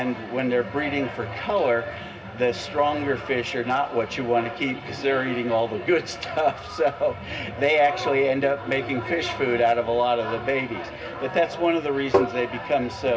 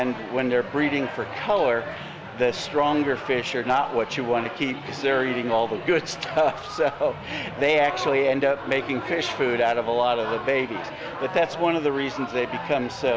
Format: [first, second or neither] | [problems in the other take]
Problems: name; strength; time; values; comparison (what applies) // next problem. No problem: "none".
second | background sound (Tap); 2 dB above the speech // room echo; dies away in 0.4 s